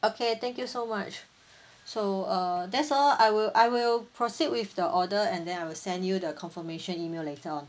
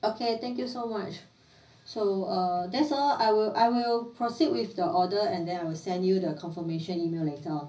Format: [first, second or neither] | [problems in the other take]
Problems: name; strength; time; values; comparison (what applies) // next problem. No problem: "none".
first | room echo; dies away in 0.4 s